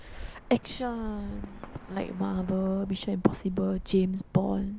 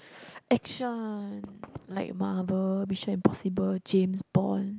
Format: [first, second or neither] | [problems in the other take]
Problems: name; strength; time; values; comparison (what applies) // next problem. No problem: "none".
second | background sound (Bird); 14 dB below the speech